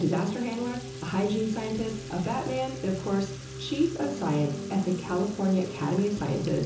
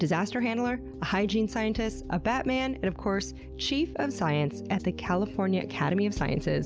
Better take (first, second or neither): second